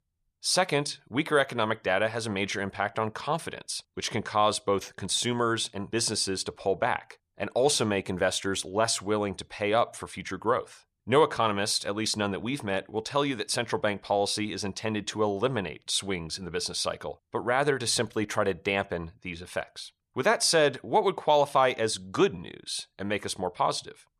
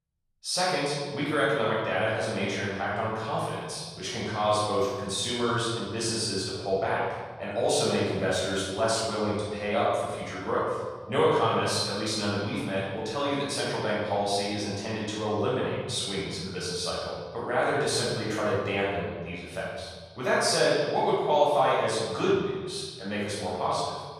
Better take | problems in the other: first | room echo; strong; dies away in 1.5 s // off-mic speech; far

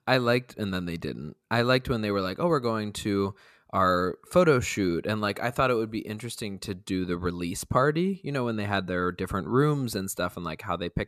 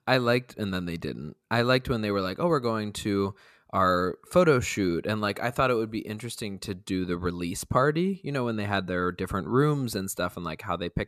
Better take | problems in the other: neither | none

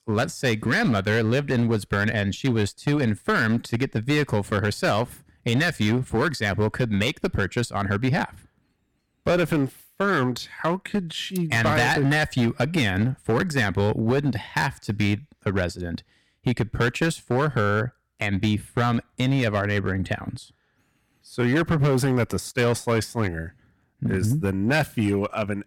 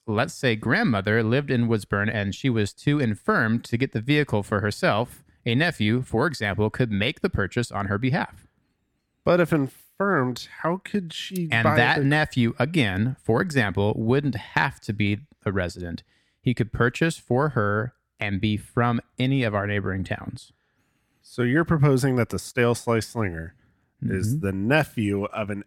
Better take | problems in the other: second | distortion; slight; 11% of the sound clipped

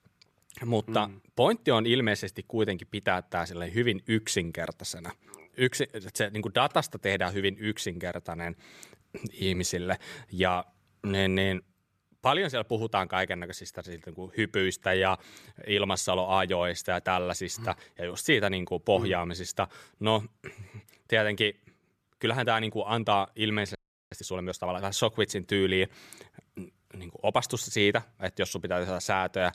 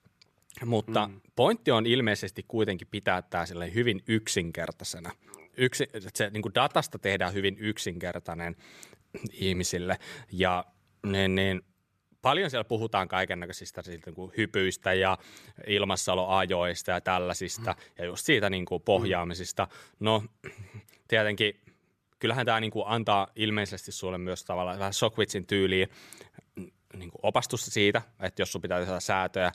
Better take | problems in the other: second | audio freezing; at 24 s

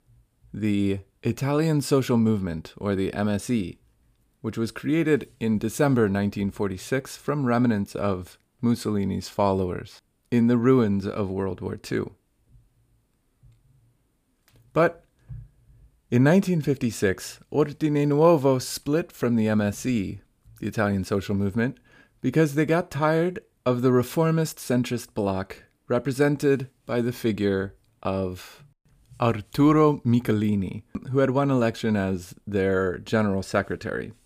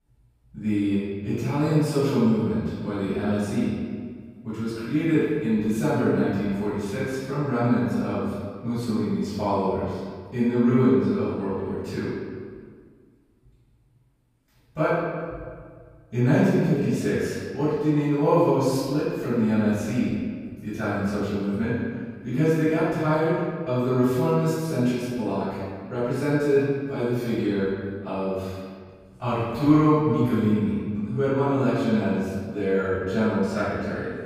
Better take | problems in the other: first | room echo; strong; dies away in 1.6 s // off-mic speech; far

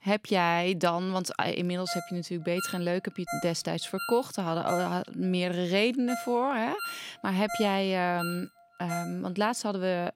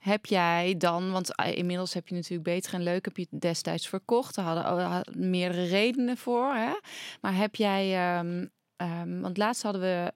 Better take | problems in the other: second | phone ringing; noticeable; from 2 to 9 s; peak 8 dB below the speech

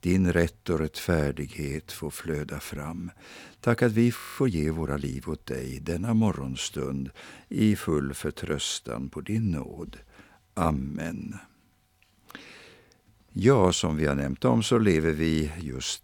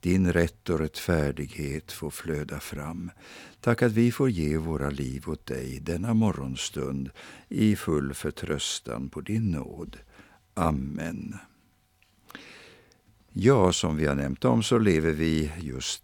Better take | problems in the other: second | audio freezing; at 4 s

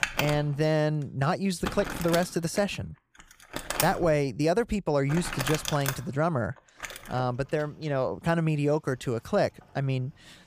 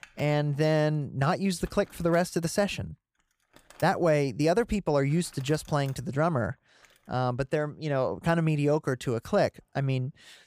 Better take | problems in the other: second | household noises; loud; throughout; 7 dB below the speech; faint in the second

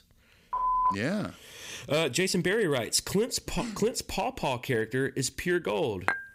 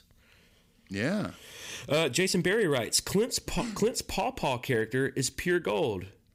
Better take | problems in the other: second | phone ringing; loud; at 0.5 s; peak 3 dB above the speech // clattering dishes; very faint; at 6 s; peak 2 dB below the speech

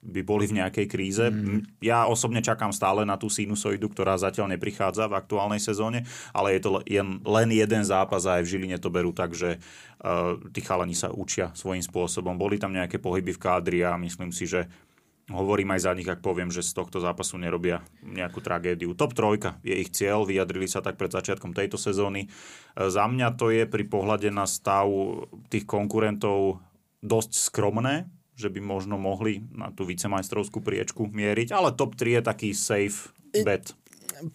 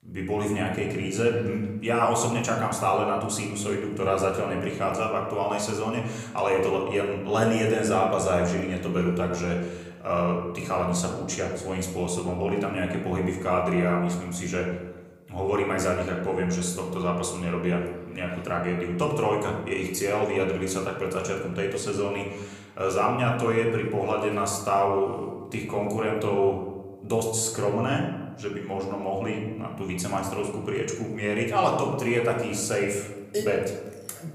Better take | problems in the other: first | room echo; slight; dies away in 1 s // off-mic speech; somewhat distant

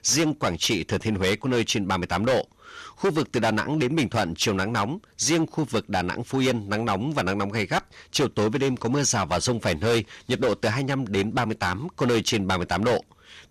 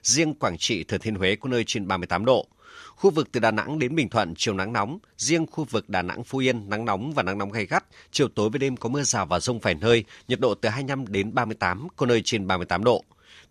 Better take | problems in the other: second | distortion; heavy; 12% of the sound clipped

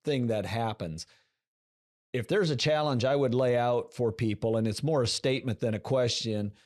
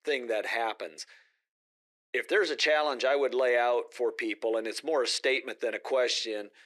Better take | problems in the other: first | thin; very; fading below 350 Hz

